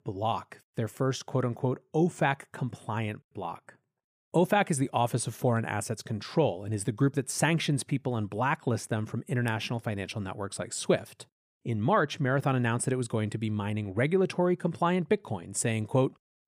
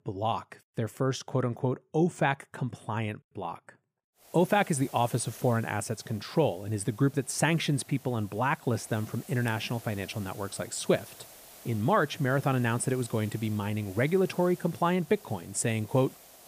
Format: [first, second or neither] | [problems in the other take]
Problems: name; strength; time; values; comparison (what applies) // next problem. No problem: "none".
first | hiss; noticeable; from 4 s on; 20 dB below the speech